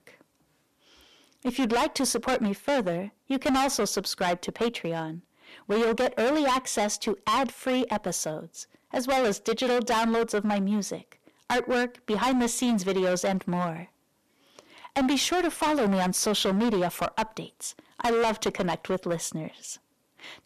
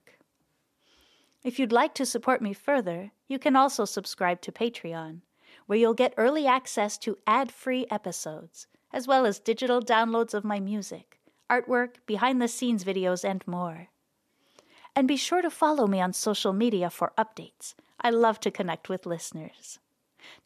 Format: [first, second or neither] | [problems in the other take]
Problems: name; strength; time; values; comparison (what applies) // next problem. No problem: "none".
second | distortion; heavy; 17% of the sound clipped